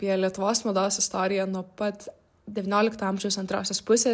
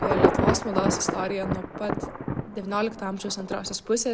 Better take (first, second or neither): first